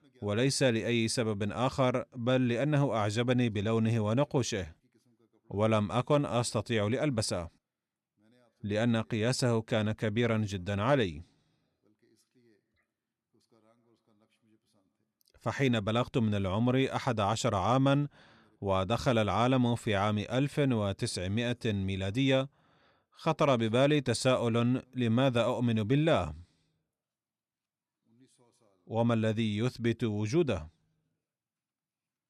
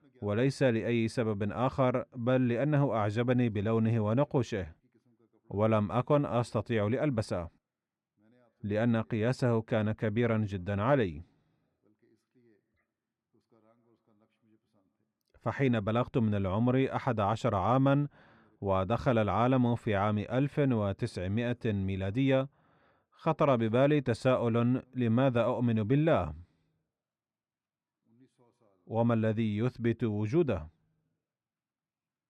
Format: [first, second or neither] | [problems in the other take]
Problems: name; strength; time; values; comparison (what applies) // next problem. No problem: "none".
first | muffled; slightly; fading above 3 kHz